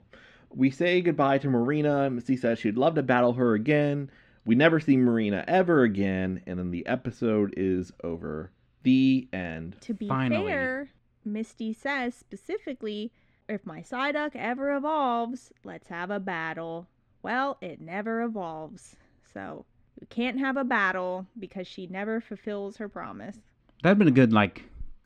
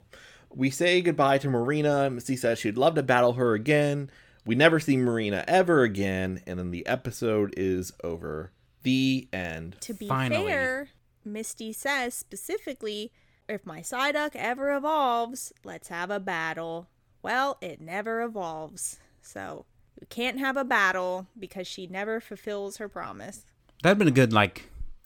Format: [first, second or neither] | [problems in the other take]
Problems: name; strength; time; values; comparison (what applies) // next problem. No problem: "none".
second | muffled; slightly; fading above 3 kHz